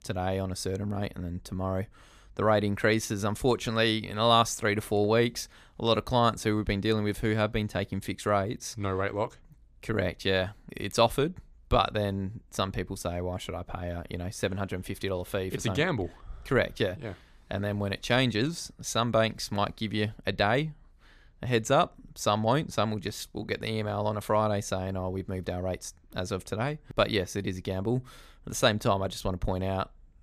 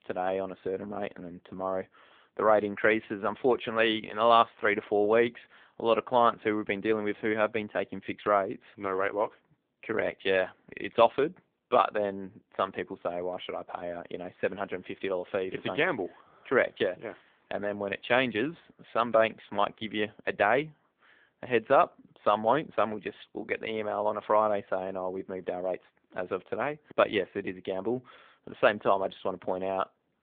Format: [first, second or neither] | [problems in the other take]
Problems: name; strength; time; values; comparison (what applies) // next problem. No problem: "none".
first | phone-call audio